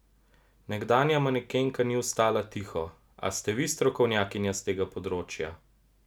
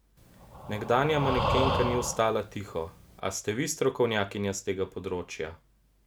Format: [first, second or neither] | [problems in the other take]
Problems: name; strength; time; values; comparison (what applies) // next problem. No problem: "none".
first | background sound (Breathing); 2 dB below the speech